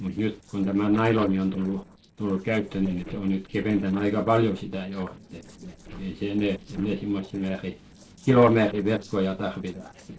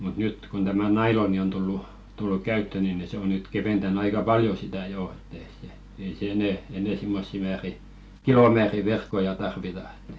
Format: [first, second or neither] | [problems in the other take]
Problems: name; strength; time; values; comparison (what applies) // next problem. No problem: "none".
second | noise reduction (neural separator model SepFormer DNS4)